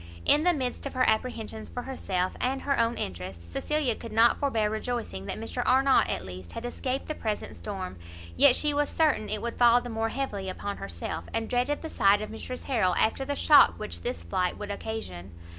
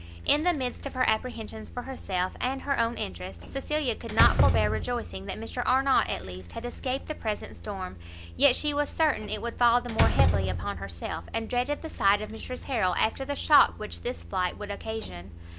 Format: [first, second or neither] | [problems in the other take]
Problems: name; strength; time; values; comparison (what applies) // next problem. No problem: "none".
first | background sound (Slam); 5 dB below the speech